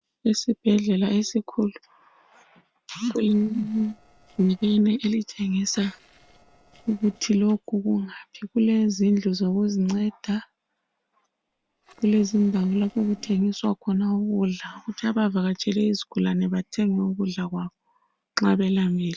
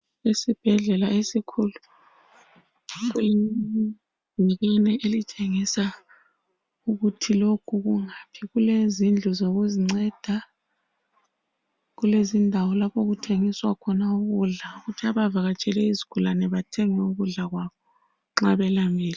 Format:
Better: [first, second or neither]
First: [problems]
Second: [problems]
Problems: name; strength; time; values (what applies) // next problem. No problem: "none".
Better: second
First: noise reduction (neural separator model SepFormer DNS4)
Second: none